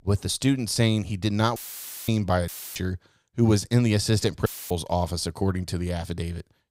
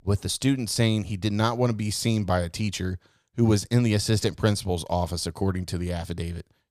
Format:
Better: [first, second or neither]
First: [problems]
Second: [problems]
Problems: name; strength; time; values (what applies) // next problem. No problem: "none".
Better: second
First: audio cutting out; filled with static; at 1.5 s for 0.5 s, at 2.5 s and at 4.5 s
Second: none